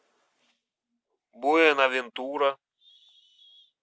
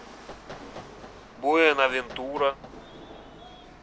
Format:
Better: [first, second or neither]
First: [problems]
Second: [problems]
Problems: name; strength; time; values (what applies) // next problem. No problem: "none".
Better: first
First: none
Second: background sound (Knock + Rattle / Chatter / Hiss / Engine / Mechanisms); 15 dB below the speech